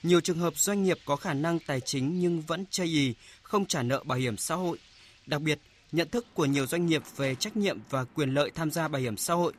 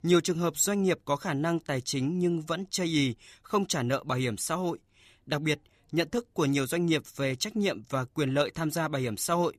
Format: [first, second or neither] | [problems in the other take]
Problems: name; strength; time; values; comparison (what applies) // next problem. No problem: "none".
second | rain or running water; faint; throughout; 25 dB below the speech